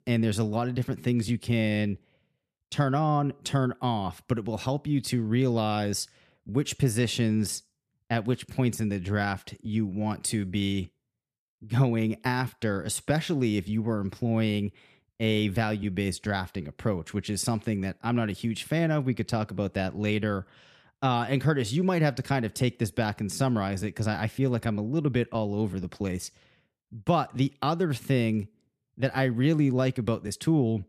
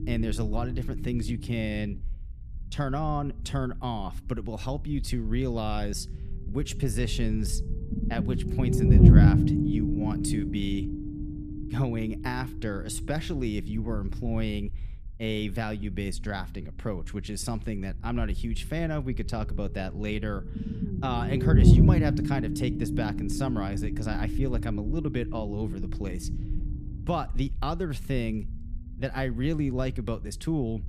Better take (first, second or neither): first